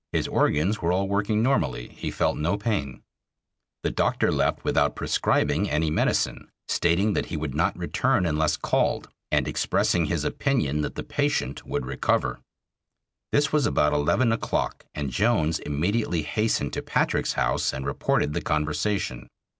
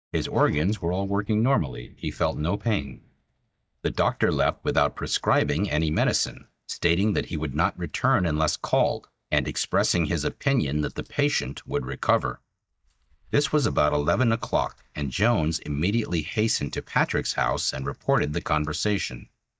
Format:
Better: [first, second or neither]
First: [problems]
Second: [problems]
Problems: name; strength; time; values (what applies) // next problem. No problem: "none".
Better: first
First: none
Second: noise reduction (neural mask model DeepFilterNet 3)